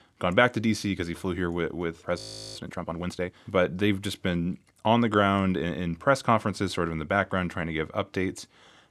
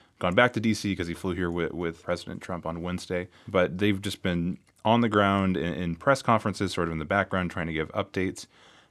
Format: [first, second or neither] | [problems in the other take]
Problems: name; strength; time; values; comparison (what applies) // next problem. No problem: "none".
second | audio freezing; at 2 s